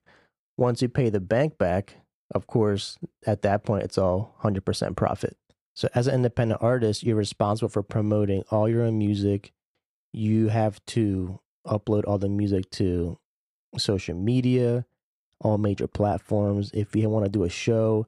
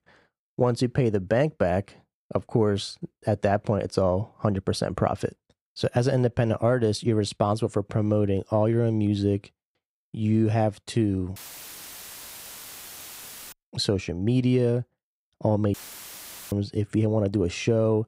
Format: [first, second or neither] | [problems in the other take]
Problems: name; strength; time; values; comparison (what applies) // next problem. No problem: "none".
first | audio cutting out; filled with static; at 11 s for 2 s and at 16 s for 1 s